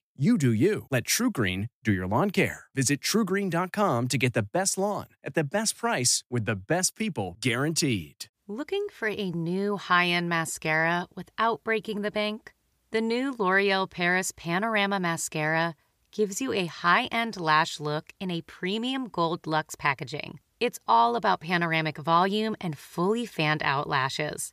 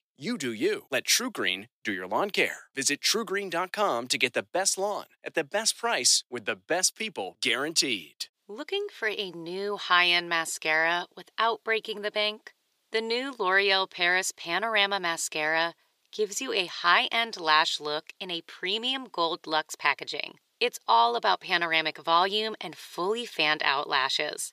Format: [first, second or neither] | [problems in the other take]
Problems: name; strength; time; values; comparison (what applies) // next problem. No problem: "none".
first | thin; somewhat; fading below 400 Hz